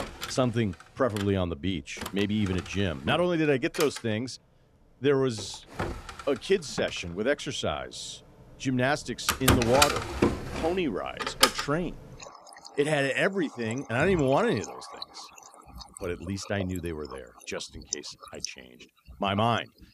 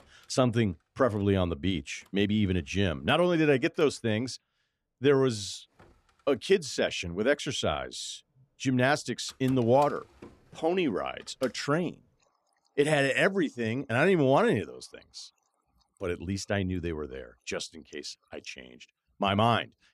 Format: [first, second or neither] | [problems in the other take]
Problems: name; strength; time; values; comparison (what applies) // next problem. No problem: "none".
second | household noises; loud; throughout; 3 dB below the speech; faint in the second